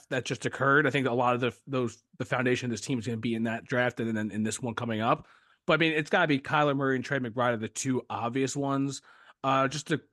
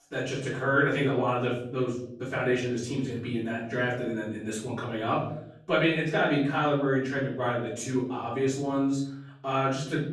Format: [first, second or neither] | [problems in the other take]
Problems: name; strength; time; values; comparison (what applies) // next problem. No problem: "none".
first | room echo; noticeable; dies away in 0.7 s // off-mic speech; far